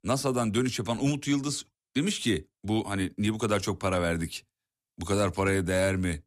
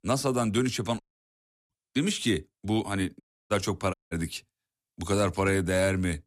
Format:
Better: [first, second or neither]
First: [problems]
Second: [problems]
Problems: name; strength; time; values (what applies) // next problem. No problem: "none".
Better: first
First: none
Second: audio cutting out; at 1 s for 0.5 s, at 3 s and at 4 s